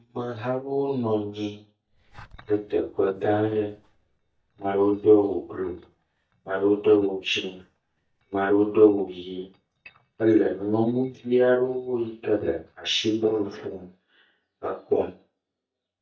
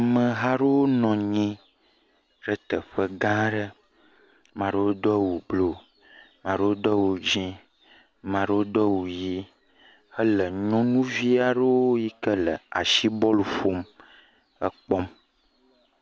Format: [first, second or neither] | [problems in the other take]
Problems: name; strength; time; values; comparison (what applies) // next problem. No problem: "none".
second | noise reduction (neural mask model DeepFilterNet 3)